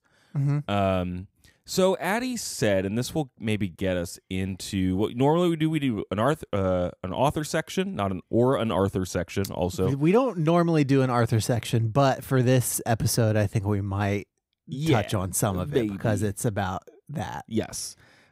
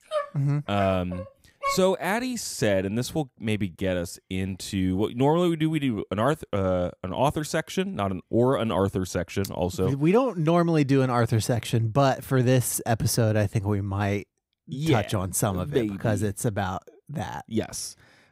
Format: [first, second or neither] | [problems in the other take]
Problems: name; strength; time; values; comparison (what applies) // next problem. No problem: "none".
first | dog barking; noticeable; until 2 s; peak 5 dB below the speech